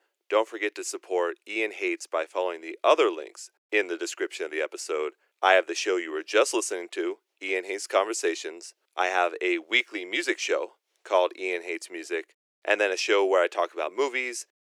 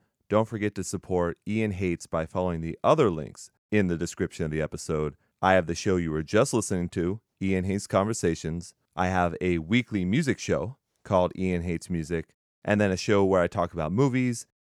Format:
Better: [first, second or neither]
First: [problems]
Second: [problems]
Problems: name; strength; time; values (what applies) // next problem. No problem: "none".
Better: second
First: thin; very; fading below 350 Hz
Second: none